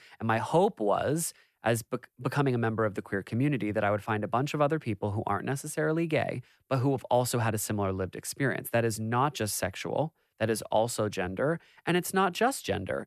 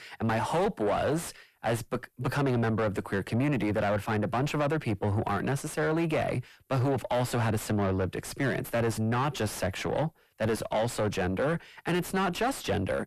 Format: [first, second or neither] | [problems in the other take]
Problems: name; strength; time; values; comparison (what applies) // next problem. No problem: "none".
first | distortion; heavy; 5 dB below the speech